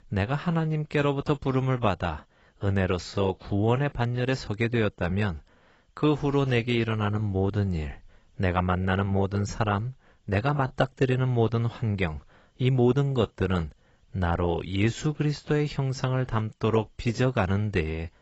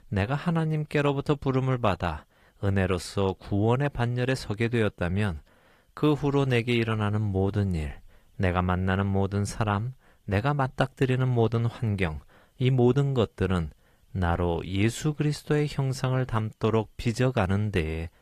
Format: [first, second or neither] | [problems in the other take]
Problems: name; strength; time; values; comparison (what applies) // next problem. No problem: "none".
second | garbled, watery; badly; nothing above 7.5 kHz; slightly in the second